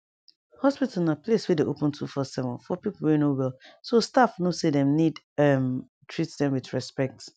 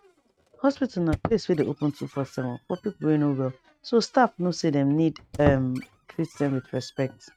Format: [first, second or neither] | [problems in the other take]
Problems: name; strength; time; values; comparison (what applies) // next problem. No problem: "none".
first | noise reduction (neural mask model RNNoise)